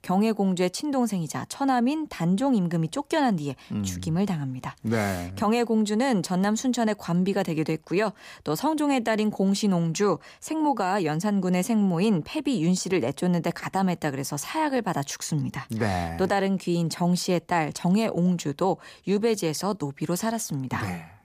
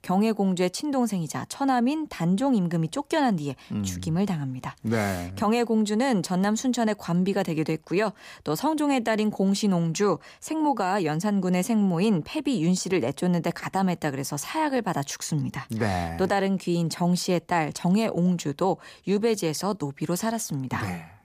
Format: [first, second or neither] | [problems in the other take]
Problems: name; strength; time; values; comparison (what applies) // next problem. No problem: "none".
neither | none